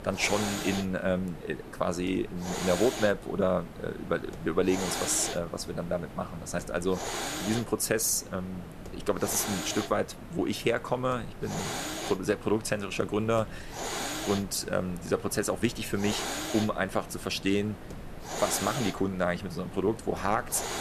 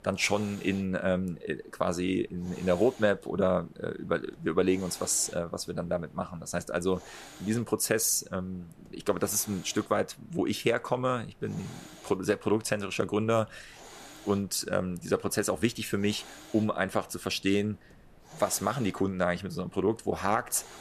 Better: second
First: hiss; loud; throughout; 8 dB below the speech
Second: hiss; faint; throughout; 20 dB below the speech

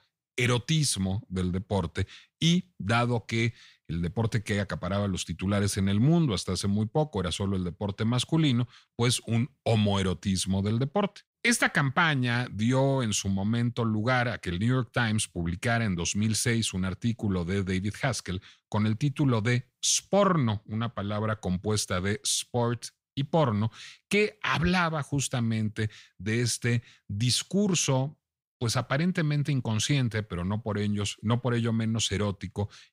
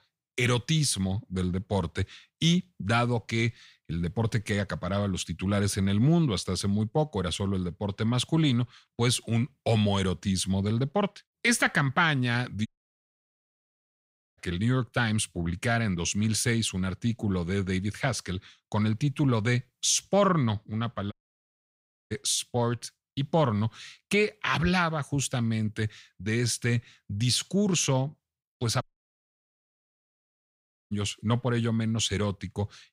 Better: first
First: none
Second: audio cutting out; at 13 s for 1.5 s, at 21 s for 1 s and at 29 s for 2 s

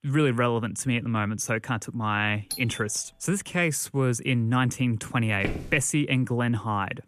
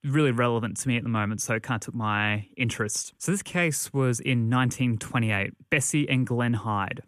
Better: second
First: doorbell; noticeable; at 2.5 s; peak 9 dB below the speech // footsteps; noticeable; at 5.5 s; peak 7 dB below the speech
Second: none

